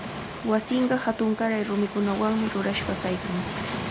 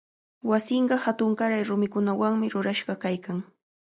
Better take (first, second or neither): second